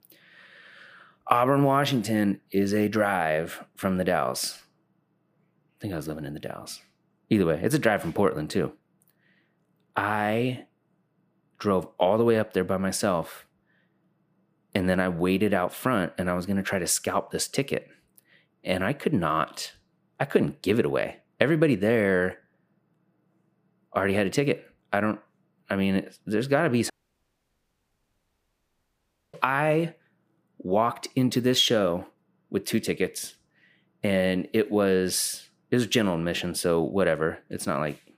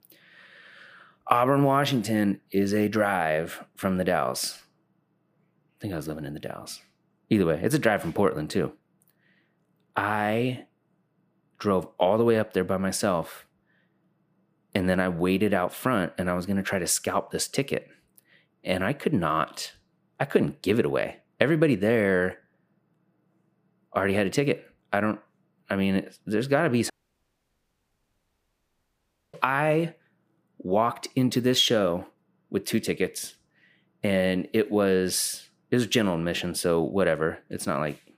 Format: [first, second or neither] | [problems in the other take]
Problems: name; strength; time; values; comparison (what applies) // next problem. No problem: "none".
neither | audio cutting out; at 27 s for 2.5 s; the same in both